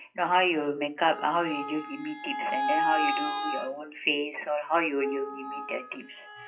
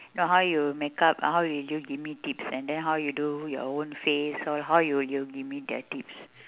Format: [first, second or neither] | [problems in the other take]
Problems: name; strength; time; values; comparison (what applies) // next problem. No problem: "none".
second | noise reduction (classical method WPE with log-MMSE)